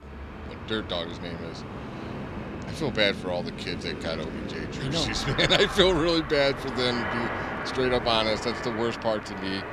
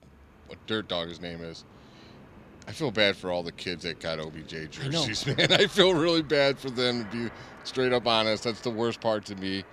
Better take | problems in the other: second | train or aircraft noise; loud; throughout; 8 dB below the speech; faint in the second

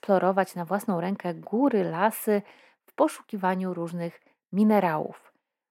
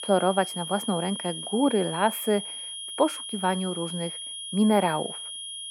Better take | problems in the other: first | high-pitched whine; loud; throughout; 3 kHz, 7 dB below the speech

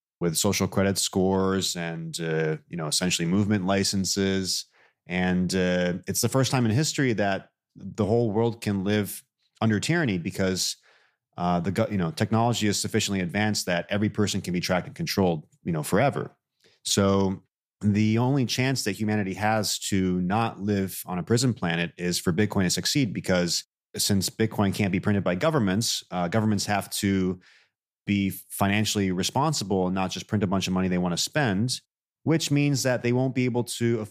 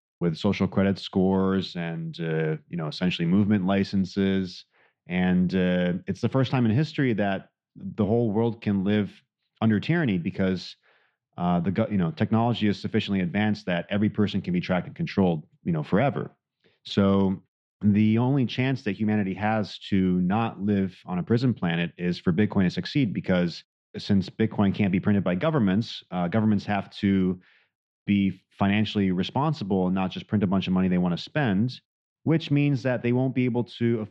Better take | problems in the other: first | muffled; slightly; fading above 3.5 kHz

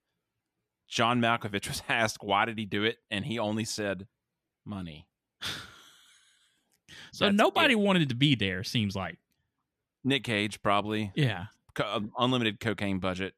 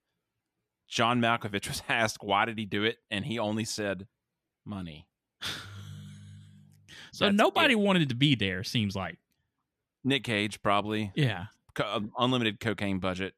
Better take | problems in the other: first | phone ringing; faint; from 5.5 to 7 s; peak 15 dB below the speech

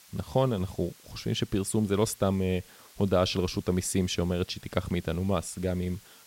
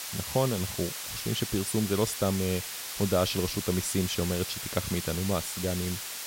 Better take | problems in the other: first | hiss; loud; throughout; 4 dB below the speech; faint in the first

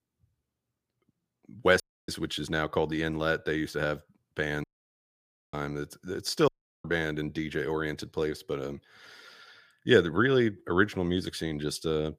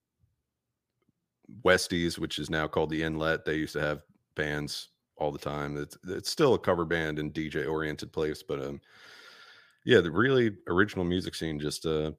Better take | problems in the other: second | audio cutting out; at 2 s, at 4.5 s for 1 s and at 6.5 s

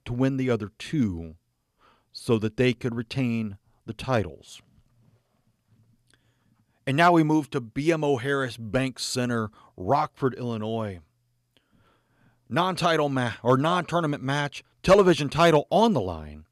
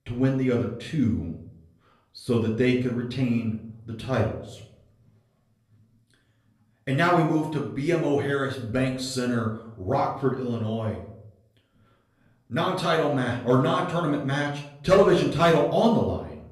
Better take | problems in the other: first | off-mic speech; far // room echo; slight; dies away in 0.6 s

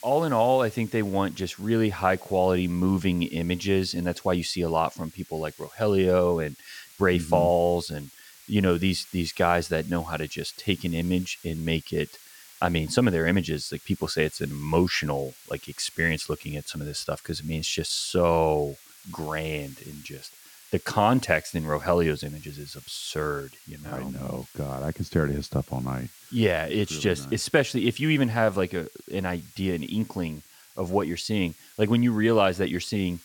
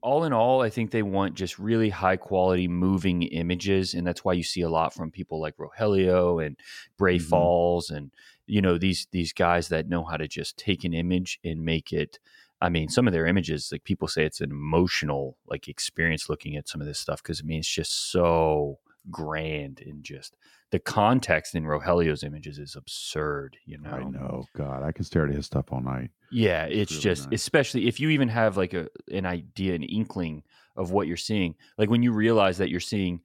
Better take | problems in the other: second | hiss; faint; throughout; 20 dB below the speech

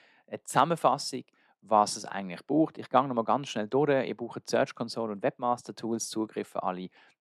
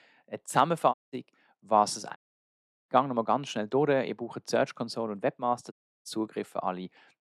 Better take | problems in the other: first | audio cutting out; at 1 s, at 2 s for 0.5 s and at 5.5 s

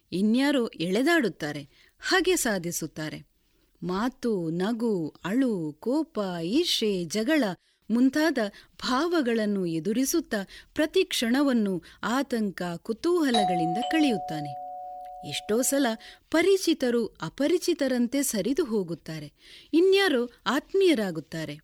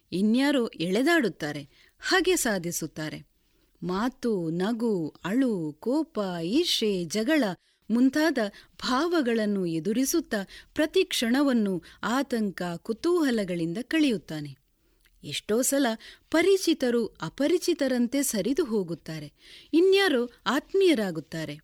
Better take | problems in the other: second | doorbell; loud; from 13 to 15 s; peak level with the speech

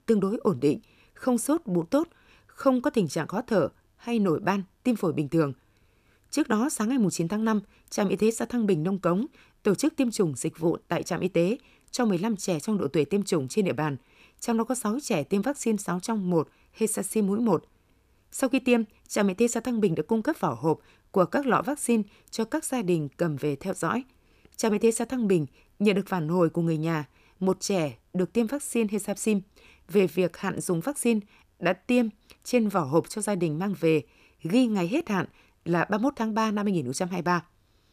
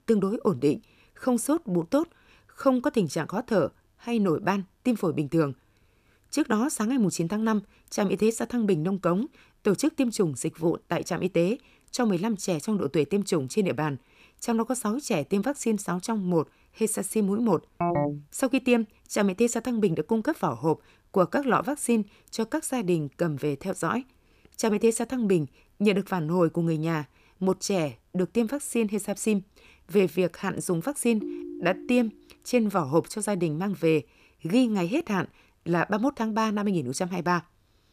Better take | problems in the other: first | phone ringing; loud; at 18 s; peak level with the speech // phone ringing; noticeable; at 31 s; peak 9 dB below the speech

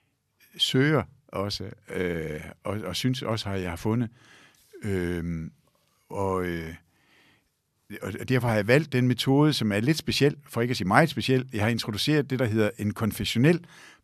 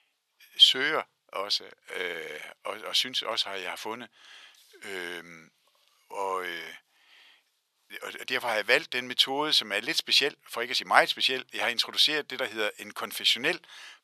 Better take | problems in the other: first | thin; very; fading below 700 Hz

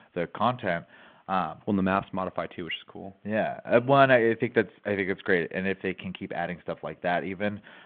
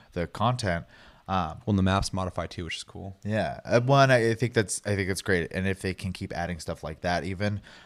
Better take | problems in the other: second | phone-call audio

